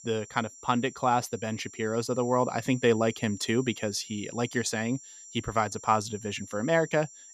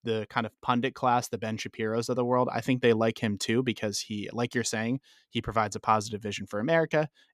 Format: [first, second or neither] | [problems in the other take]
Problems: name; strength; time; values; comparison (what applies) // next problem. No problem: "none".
second | high-pitched whine; noticeable; throughout; 7.5 kHz, 15 dB below the speech